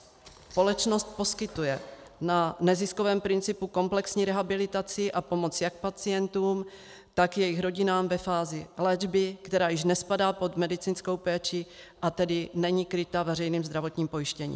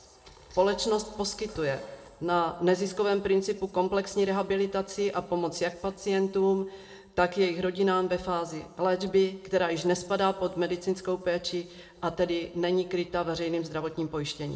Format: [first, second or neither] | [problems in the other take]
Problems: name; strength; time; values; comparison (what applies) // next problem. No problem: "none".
first | room echo; dies away in 1.6 s